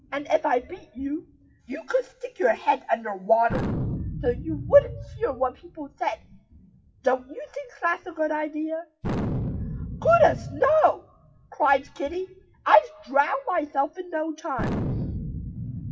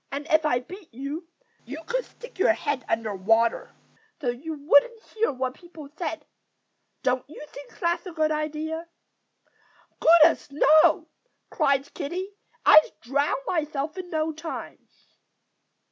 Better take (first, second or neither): second